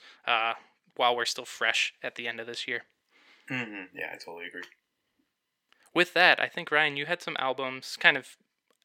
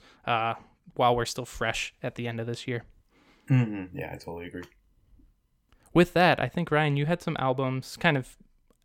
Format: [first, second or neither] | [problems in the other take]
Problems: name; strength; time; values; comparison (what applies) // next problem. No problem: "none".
second | thin; very; fading below 350 Hz